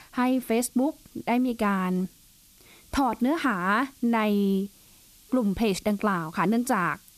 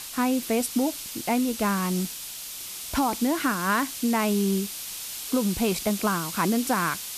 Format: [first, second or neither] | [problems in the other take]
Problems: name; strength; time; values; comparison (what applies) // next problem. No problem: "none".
first | hiss; loud; throughout; 7 dB below the speech; faint in the first